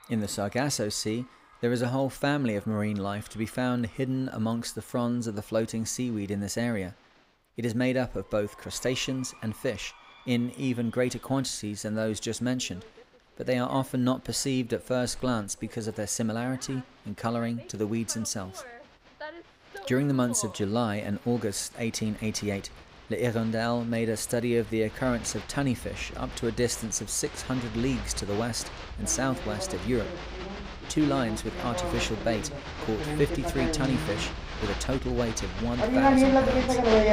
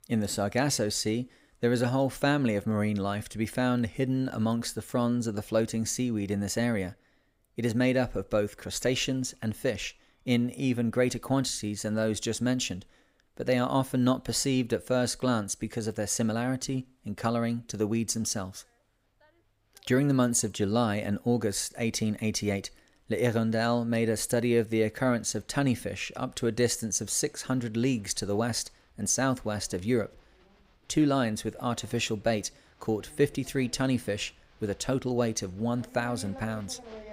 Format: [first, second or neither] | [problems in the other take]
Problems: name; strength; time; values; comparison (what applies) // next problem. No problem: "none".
second | crowd noise; loud; throughout; 1 dB below the speech; faint in the second